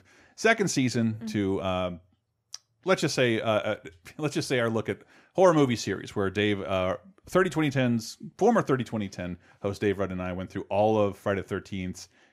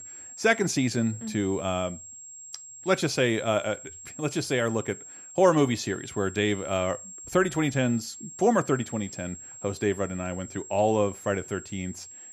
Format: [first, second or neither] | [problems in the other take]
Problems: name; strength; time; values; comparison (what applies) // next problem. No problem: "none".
first | high-pitched whine; noticeable; throughout; 7.5 kHz, 15 dB below the speech